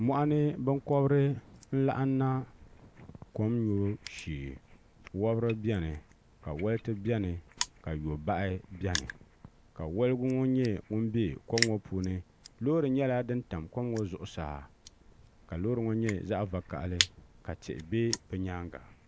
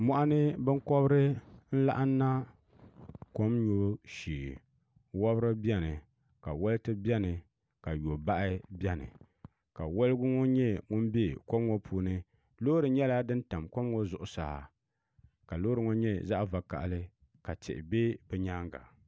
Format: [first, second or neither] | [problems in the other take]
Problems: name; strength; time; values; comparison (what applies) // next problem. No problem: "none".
second | background sound (Crushing); 12 dB below the speech